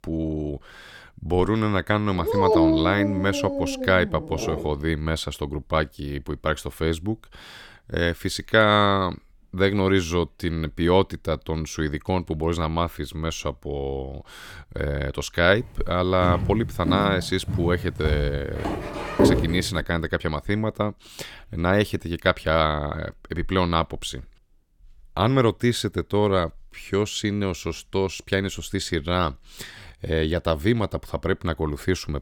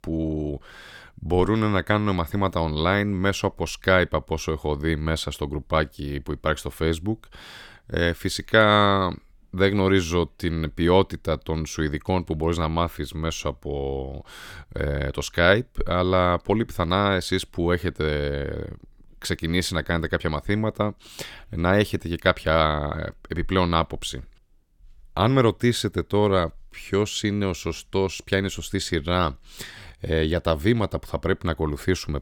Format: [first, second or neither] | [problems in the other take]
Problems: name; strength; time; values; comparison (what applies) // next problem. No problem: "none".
second | dog barking; loud; from 2 to 4.5 s; peak 6 dB above the speech // footsteps; loud; from 16 to 20 s; peak 5 dB above the speech